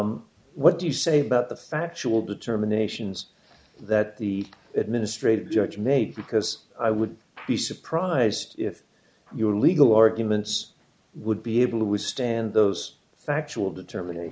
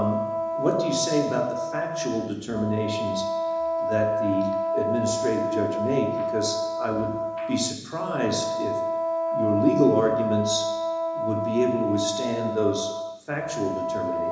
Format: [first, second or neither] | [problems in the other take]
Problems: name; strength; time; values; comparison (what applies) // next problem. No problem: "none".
first | background sound (Wind instrument, woodwind instrument); as loud as the speech // room echo; dies away in 1 s